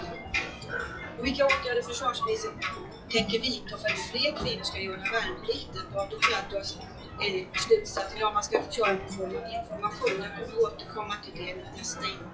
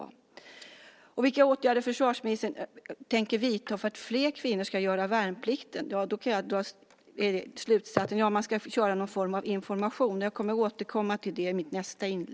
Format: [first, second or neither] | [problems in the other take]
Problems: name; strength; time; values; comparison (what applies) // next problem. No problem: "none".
second | noise reduction (classical method WPE with log-MMSE)